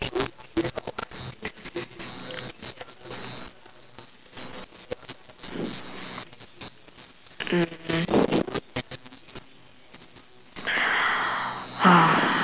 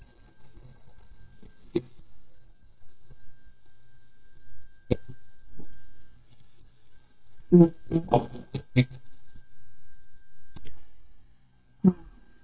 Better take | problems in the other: first | noise reduction (neural mask model DeepFilterNet 3)

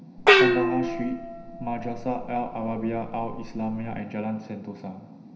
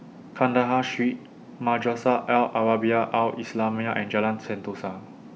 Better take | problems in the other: second | background sound (Gong); 5 dB above the speech // room echo; dies away in 0.9 s

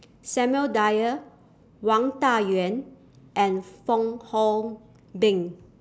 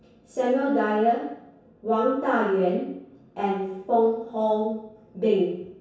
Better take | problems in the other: first | room echo; dies away in 0.7 s

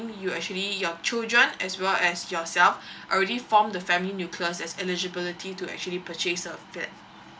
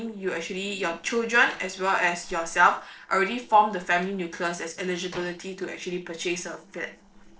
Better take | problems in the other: first | noise reduction (neural separator model SepFormer DNS4)

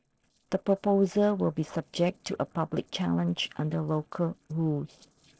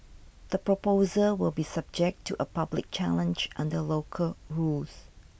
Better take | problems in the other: second | noise reduction (neural separator model SepFormer DNS4)

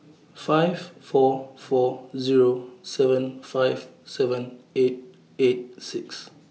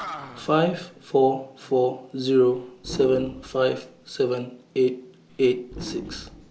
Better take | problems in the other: first | background sound (Animal); 16 dB below the speech

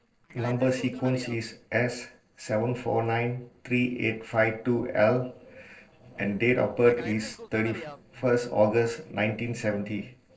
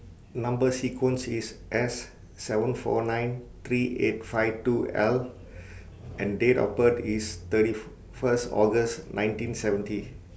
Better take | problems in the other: second | noise reduction (neural separator model SepFormer DNS4)

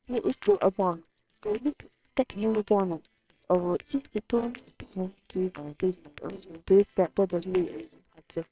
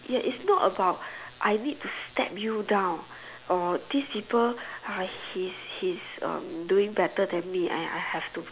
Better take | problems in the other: second | noise reduction (neural separator model SepFormer WHAMR!)

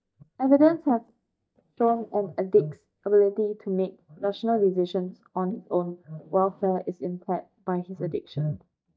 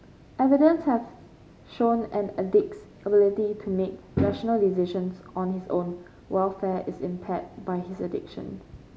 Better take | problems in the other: second | noise reduction (neural mask model DeepFilterNet 3)

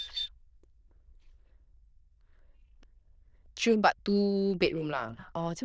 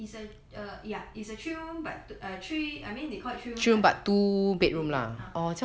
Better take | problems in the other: second | noise reduction (neural diffusion model UNIVERSE++)

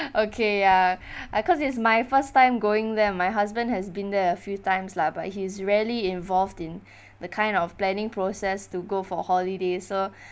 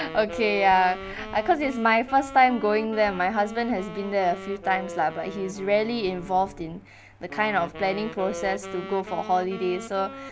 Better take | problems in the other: first | background sound (Wind instrument, woodwind instrument); 13 dB below the speech

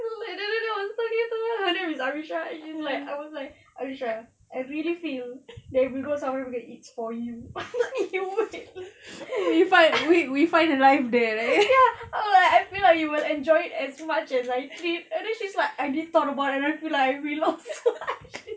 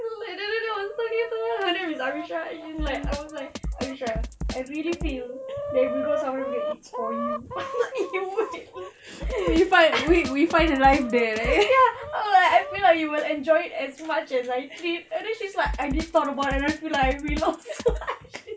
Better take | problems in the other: first | background sound (Chicken, rooster + Drum kit); 9 dB below the speech

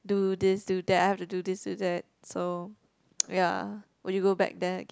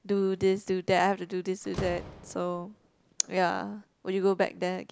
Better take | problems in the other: first | background sound (Slam); 18 dB below the speech

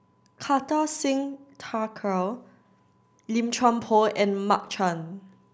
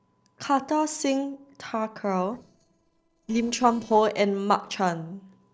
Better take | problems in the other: first | noise reduction (neural separator model SepFormer DNS4)

